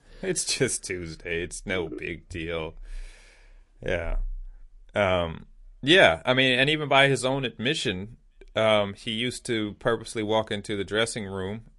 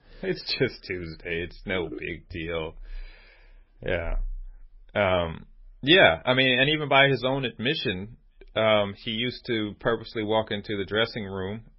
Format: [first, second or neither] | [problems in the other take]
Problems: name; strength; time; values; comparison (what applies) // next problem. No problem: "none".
first | garbled, watery; badly; nothing above 5.5 kHz; slightly in the first